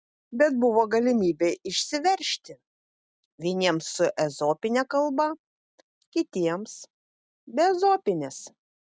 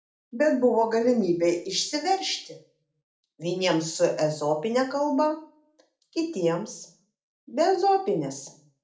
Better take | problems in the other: first | room echo; dies away in 0.4 s

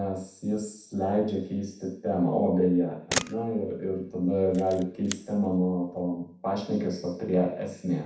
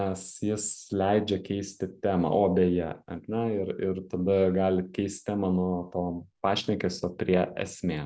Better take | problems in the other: second | background sound (Camera); 11 dB below the speech // room echo; dies away in 0.7 s

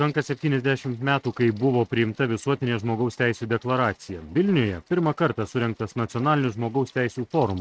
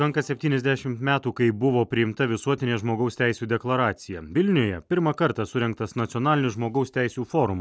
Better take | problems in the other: second | noise reduction (neural mask model RNNoise)

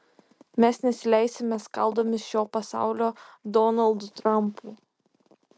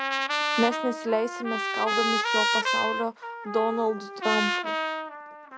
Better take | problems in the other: first | background sound (Trumpet); 1 dB above the speech

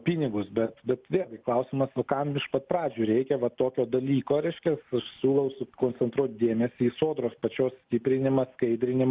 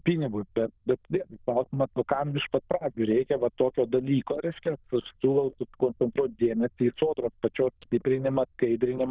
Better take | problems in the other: first | noise reduction (neural diffusion model UNIVERSE++)

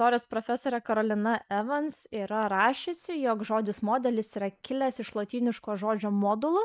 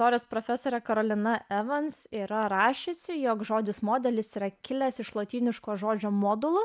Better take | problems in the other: second | noise reduction (neural mask model Resemble Enhance denoiser)

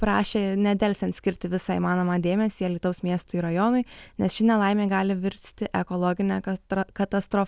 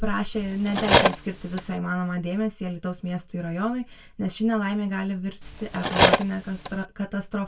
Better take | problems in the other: first | background sound (Cutlery, silverware); 3 dB above the speech // room echo; dies away in 0.1 s

